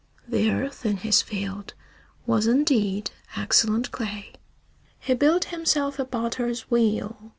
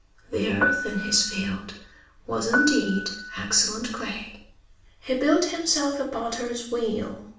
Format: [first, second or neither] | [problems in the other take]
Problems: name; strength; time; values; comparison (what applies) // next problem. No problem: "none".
first | background sound (Piano); 3 dB below the speech // room echo; dies away in 0.5 s